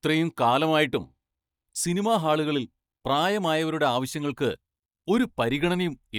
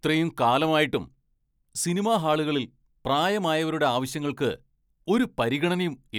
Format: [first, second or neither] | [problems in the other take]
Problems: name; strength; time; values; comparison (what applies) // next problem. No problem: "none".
second | noise reduction (neural mask model DeepFilterNet 3)